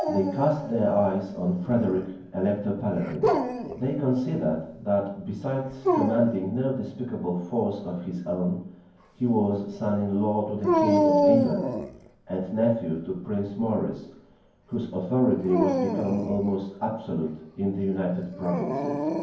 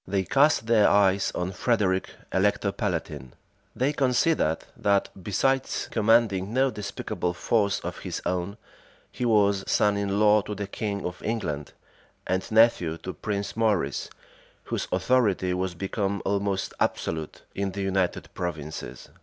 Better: second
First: background sound (Dog); 4 dB below the speech // room echo; dies away in 0.9 s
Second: none

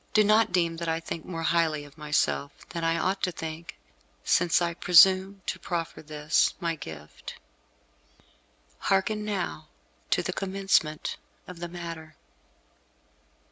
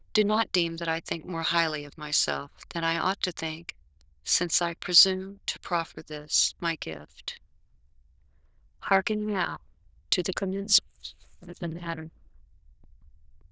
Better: first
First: none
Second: noise reduction (neural diffusion model UNIVERSE++)

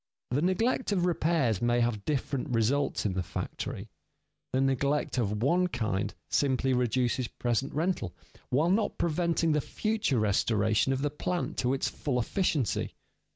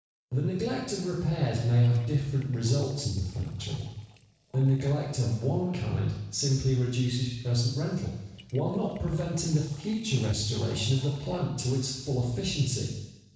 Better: first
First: none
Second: noise reduction (neural separator model SepFormer DNS4)

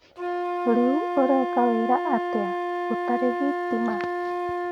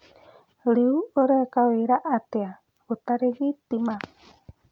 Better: second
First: background sound (Wind instrument, woodwind instrument); 2 dB below the speech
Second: none

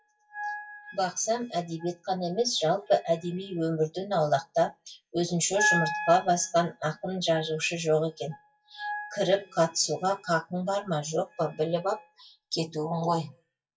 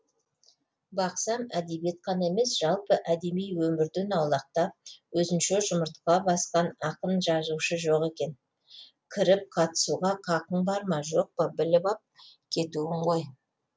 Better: second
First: noise reduction (classical method WPE with log-MMSE)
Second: none

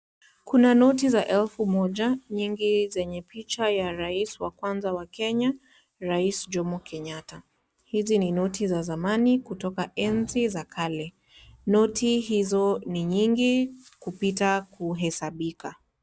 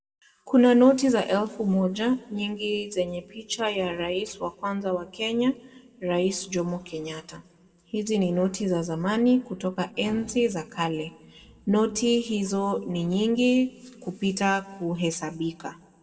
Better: first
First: none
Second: room echo; dies away in 0.8 s

